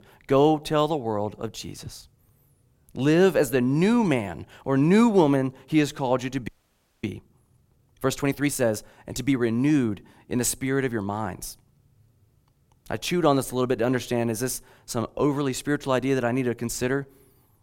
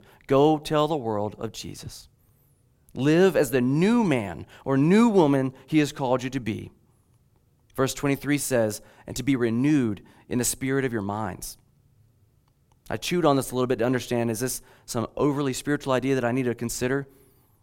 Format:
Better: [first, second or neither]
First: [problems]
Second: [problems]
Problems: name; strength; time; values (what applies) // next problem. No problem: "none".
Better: second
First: audio freezing; at 6.5 s for 0.5 s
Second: none